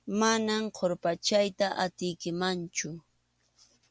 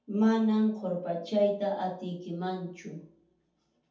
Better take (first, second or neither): first